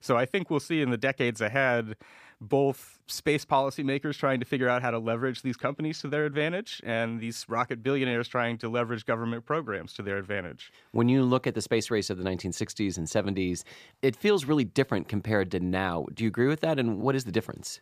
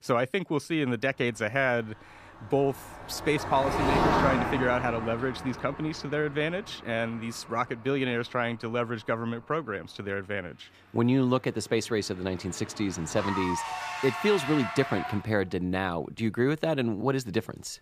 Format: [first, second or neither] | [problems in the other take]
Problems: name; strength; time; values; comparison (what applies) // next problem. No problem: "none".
first | traffic noise; loud; throughout; 3 dB below the speech